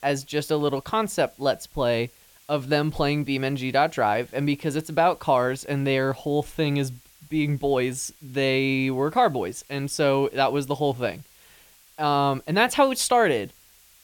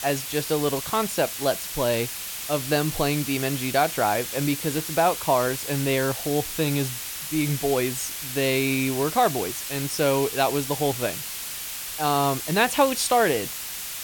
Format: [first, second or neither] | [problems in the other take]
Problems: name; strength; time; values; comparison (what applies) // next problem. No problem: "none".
first | hiss; loud; throughout; 6 dB below the speech; faint in the first